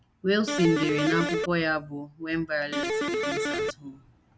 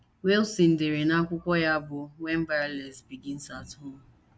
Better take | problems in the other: second | background sound (Electric guitar); 1 dB above the speech

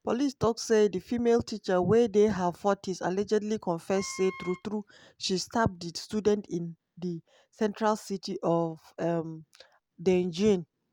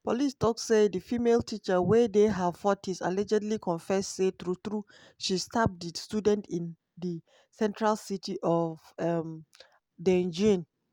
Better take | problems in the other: second | background sound (Wind instrument, woodwind instrument); 17 dB below the speech

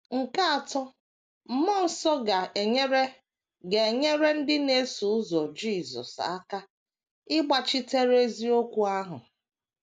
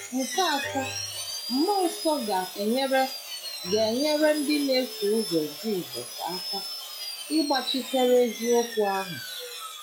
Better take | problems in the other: first | noise reduction (classical method log-MMSE)

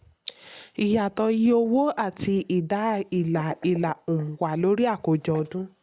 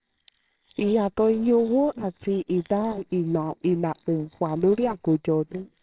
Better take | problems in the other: first | noise reduction (neural separator model SepFormer WHAMR!)

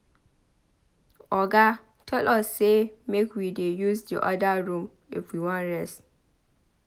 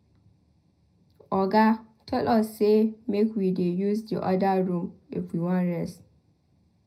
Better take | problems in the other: first | room echo; dies away in 0.4 s

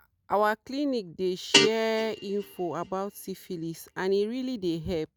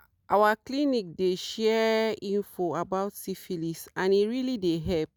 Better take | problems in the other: second | background sound (Guitar); 2 dB below the speech

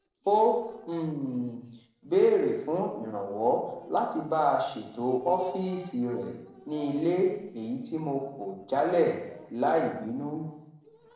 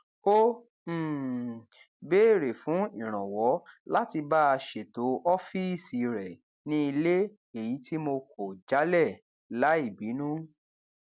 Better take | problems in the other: second | noise reduction (neural separator model SepFormer DNS4)

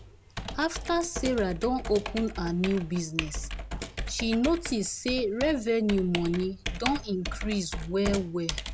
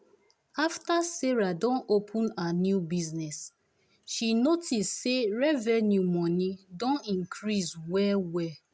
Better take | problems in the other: second | background sound (Computer keyboard); 7 dB below the speech

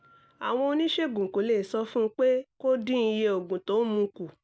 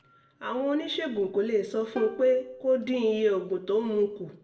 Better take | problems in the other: first | background sound (Plucked string instrument); 17 dB below the speech // room echo; dies away in 0.6 s

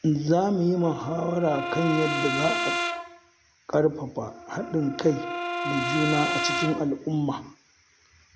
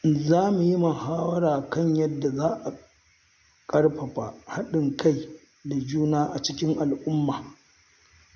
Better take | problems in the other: second | background sound (Brass instrument); 5 dB below the speech

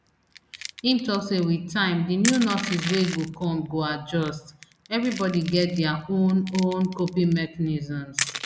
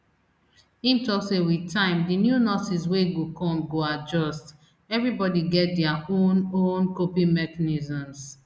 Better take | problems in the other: second | background sound (Crushing); 12 dB below the speech

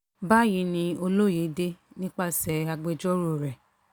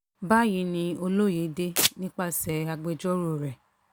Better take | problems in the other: first | background sound (Domestic sounds, home sounds); as loud as the speech

